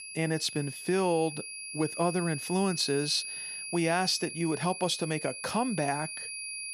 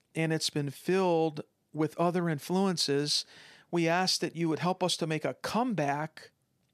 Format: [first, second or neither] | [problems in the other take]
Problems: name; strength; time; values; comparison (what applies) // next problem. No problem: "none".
second | high-pitched whine; loud; throughout; 2.5 kHz, 8 dB below the speech